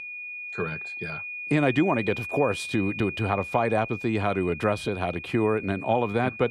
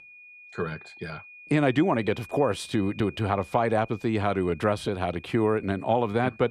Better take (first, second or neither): second